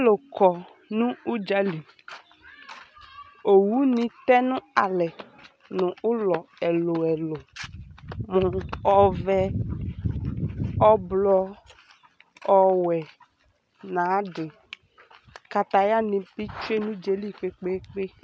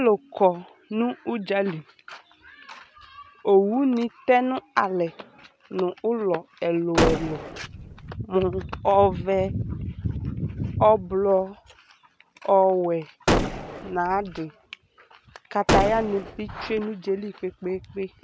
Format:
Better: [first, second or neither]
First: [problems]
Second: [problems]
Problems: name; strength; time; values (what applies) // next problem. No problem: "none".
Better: first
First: none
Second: background sound (Gunshot, gunfire); 1 dB below the speech